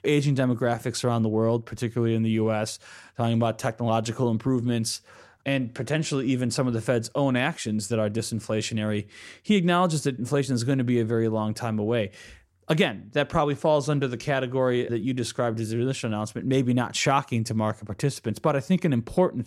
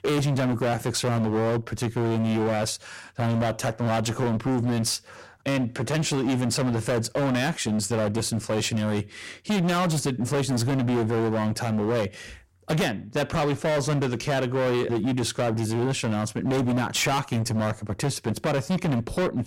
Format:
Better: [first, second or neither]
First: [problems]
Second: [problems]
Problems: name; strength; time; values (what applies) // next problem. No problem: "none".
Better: first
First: none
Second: distortion; heavy; 28% of the sound clipped